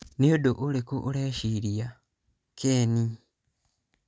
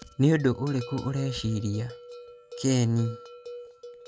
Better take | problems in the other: first | background sound (Bell); 16 dB below the speech

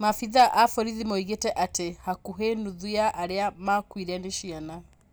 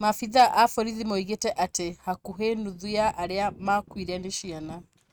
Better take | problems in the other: first | noise reduction (neural mask model RNNoise)

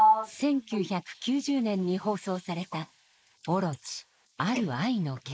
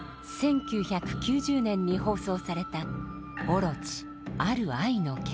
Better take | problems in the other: second | noise reduction (neural mask model Resemble Enhance denoiser)

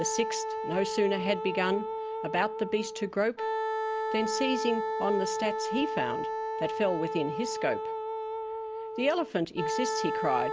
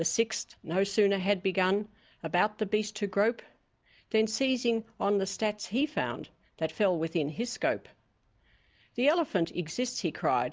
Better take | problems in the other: second | background sound (Wind instrument, woodwind instrument); 2 dB below the speech

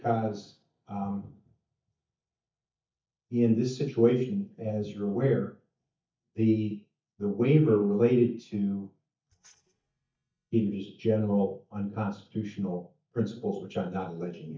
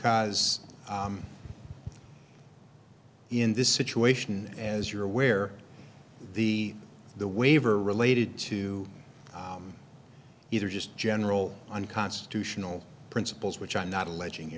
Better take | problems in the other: second | noise reduction (neural mask model DeepFilterNet 3)

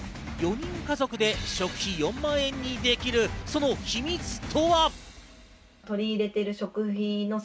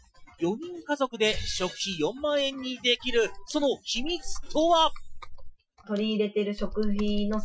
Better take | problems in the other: first | noise reduction (classical method Wiener filter)

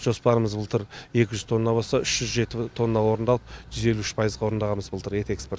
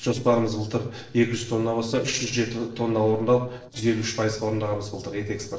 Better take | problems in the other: first | noise reduction (neural separator model SepFormer DNS4)

